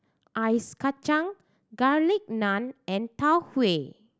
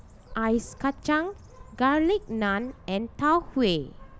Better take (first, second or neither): first